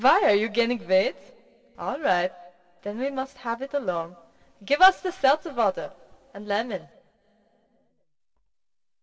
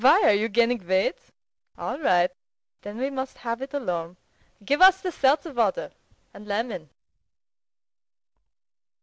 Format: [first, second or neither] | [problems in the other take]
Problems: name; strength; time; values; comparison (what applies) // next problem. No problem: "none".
second | room echo; dies away in 1.9 s